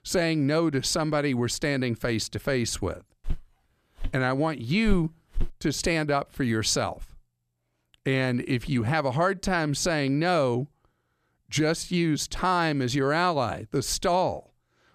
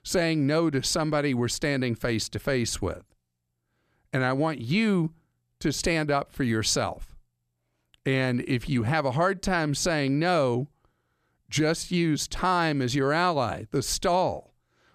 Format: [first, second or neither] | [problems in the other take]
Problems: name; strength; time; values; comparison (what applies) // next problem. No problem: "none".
second | footsteps; faint; from 3.5 to 5.5 s; peak 10 dB below the speech